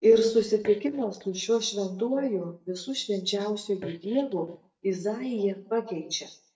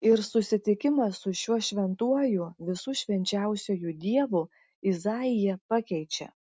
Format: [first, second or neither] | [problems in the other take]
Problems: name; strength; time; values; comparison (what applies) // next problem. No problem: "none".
second | noise reduction (neural mask model DeepFilterNet 3)